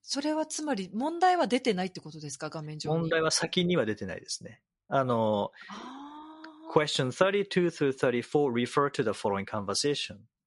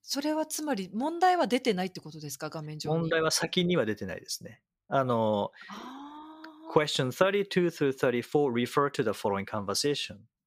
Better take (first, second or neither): second